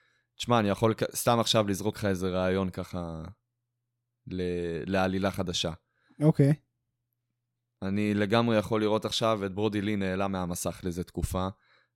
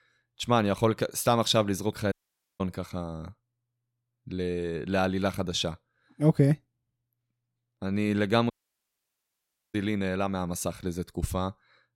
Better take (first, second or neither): first